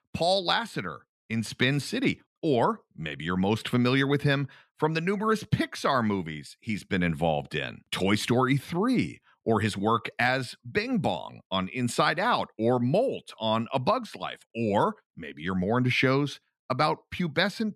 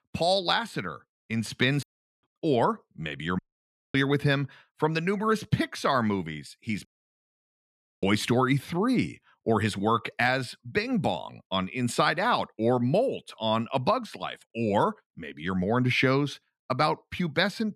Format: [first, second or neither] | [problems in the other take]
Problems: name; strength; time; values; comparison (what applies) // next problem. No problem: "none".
first | audio cutting out; at 2 s, at 3.5 s for 0.5 s and at 7 s for 1 s